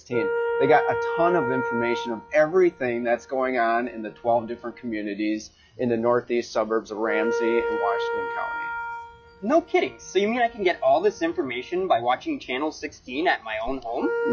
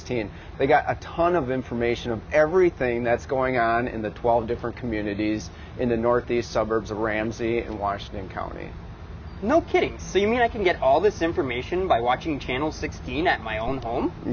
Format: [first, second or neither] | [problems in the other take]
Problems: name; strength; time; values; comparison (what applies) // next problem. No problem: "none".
second | noise reduction (classical method log-MMSE)